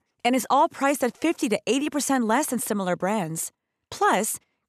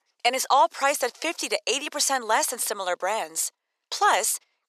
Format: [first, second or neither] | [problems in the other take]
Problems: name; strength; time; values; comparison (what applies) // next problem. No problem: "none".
first | thin; very; fading below 500 Hz